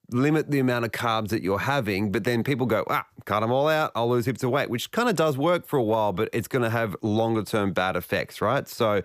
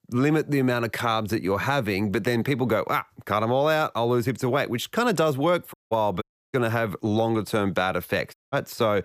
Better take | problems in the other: first | audio cutting out; at 5.5 s, at 6 s and at 8.5 s

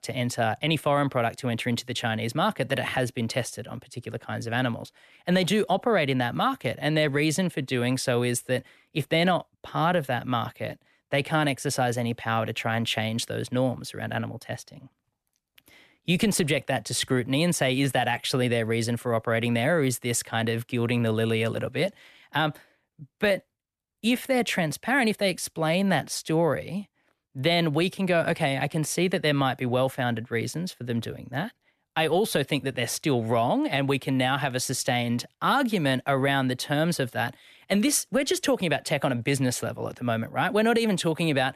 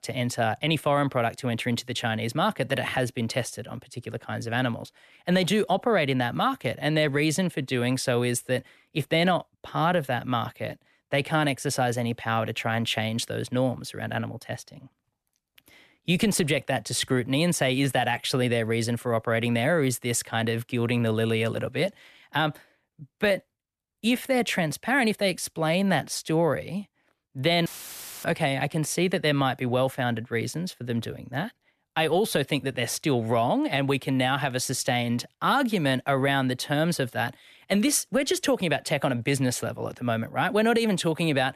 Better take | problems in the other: first | audio cutting out; filled with static; at 28 s for 0.5 s

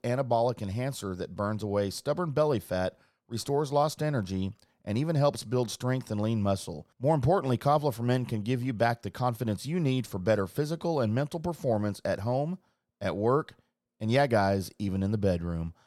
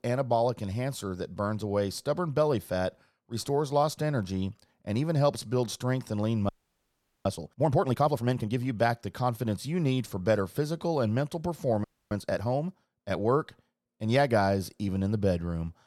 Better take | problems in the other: first | audio freezing; at 6.5 s for 1 s and at 12 s

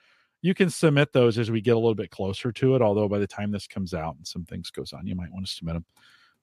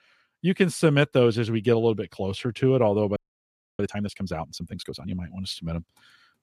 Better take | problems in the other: first | audio freezing; at 3 s for 0.5 s

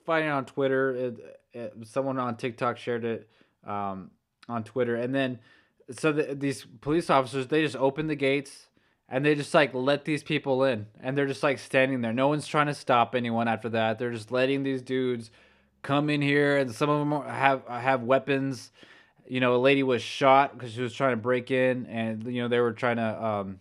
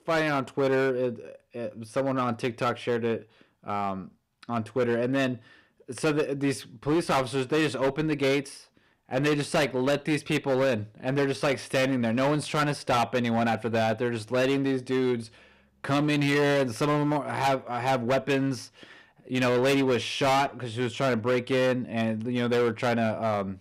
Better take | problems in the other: first | distortion; heavy; 12% of the sound clipped

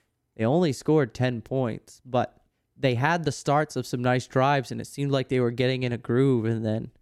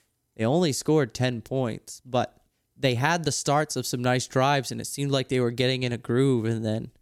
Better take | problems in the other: second | muffled; slightly; fading above 3.5 kHz

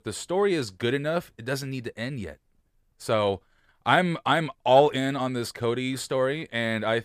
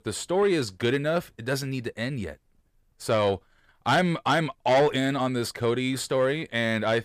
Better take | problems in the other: first | distortion; slight; 10 dB below the speech

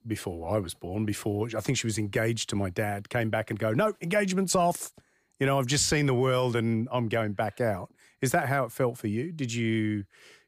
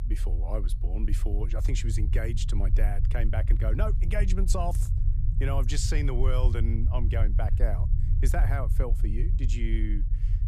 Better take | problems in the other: first | low rumble; loud; throughout; 9 dB below the speech

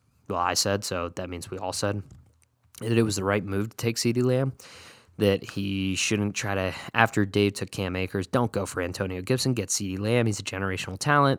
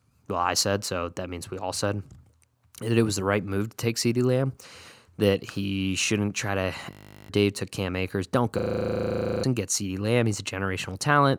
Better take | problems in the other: first | audio freezing; at 7 s and at 8.5 s for 1 s

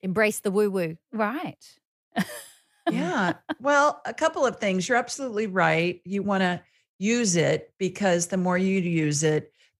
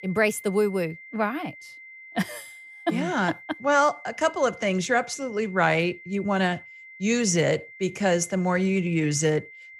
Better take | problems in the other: first | high-pitched whine; noticeable; throughout; 2 kHz, 20 dB below the speech

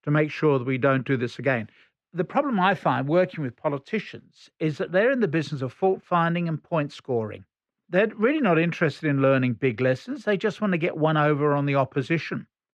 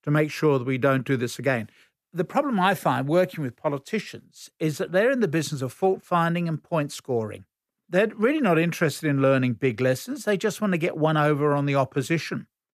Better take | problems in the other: second | muffled; slightly; fading above 3 kHz

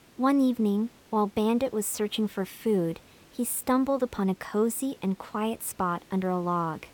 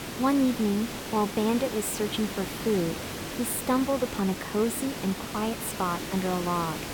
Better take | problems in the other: first | hiss; loud; throughout; 6 dB below the speech; faint in the first

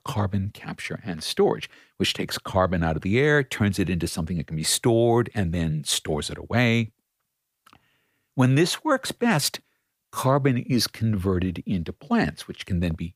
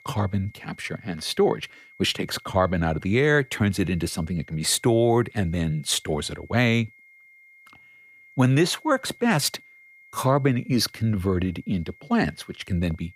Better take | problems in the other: first | high-pitched whine; faint; throughout; 2 kHz, 25 dB below the speech

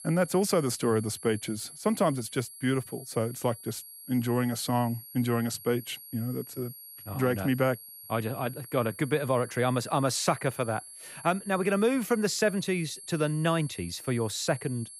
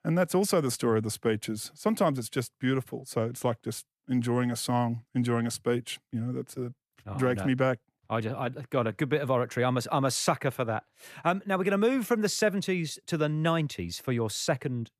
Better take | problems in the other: second | high-pitched whine; noticeable; throughout; 11.5 kHz, 15 dB below the speech

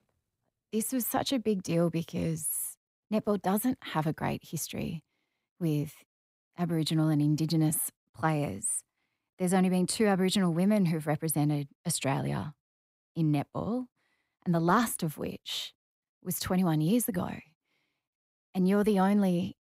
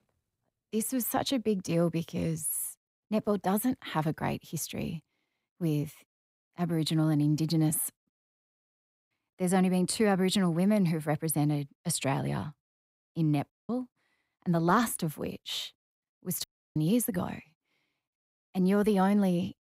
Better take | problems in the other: first | audio cutting out; at 8 s for 1 s, at 14 s and at 16 s

